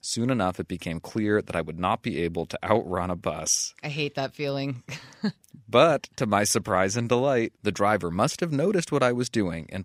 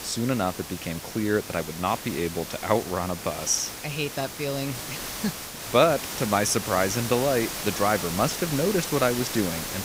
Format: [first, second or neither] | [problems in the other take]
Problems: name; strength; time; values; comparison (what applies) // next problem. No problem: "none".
first | hiss; loud; throughout; 6 dB below the speech